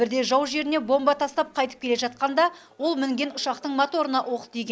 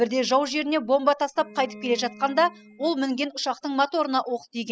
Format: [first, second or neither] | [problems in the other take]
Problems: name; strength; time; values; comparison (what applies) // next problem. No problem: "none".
first | noise reduction (classical method spectral subtraction)